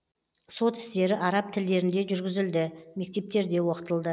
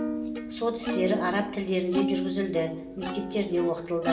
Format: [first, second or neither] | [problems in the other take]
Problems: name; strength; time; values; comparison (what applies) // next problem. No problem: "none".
first | background sound (Plucked string instrument); 4 dB below the speech // room echo; dies away in 0.8 s